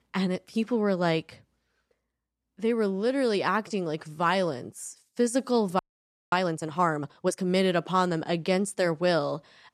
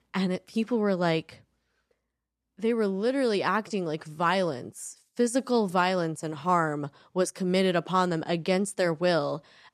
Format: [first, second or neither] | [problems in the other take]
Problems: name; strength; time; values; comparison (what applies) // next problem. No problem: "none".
second | audio freezing; at 6 s for 0.5 s